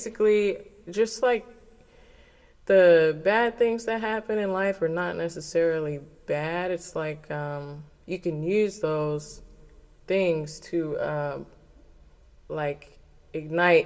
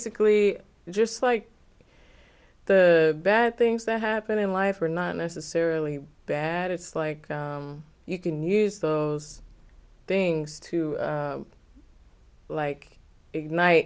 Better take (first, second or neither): second